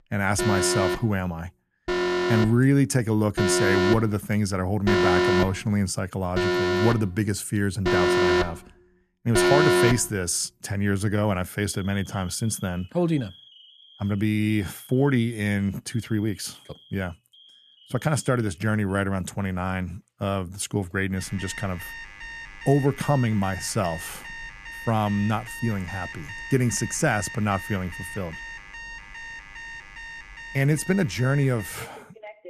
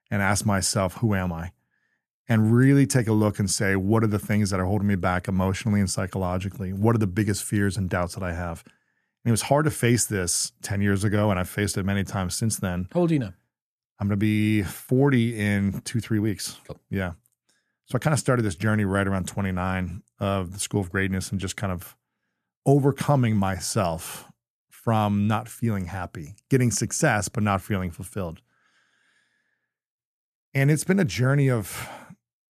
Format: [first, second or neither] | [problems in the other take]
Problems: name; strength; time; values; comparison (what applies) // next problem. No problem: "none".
second | alarms or sirens; loud; throughout; 2 dB below the speech